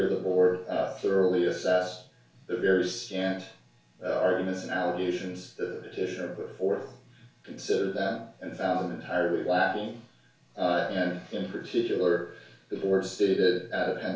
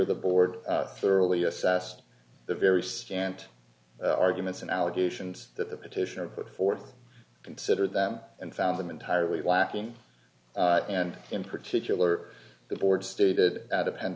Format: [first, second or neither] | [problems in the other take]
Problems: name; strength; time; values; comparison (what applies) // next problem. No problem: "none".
second | room echo; dies away in 0.3 s